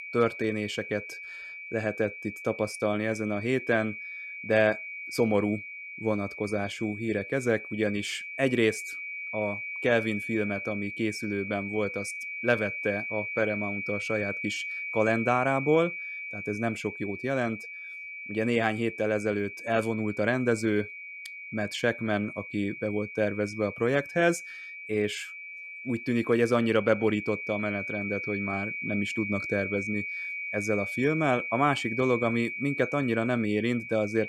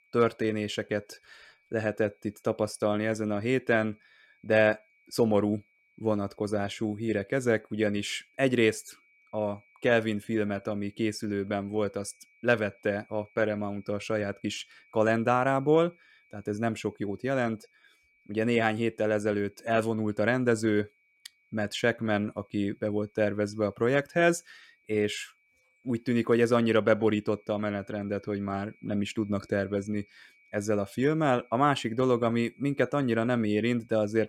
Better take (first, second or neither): second